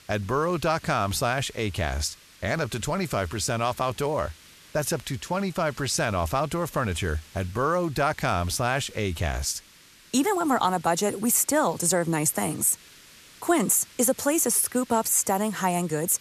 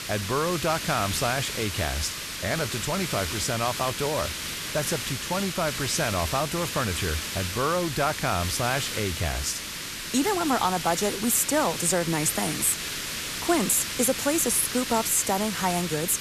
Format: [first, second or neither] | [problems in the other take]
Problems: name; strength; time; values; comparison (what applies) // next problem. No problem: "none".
first | hiss; loud; throughout; 4 dB below the speech; faint in the first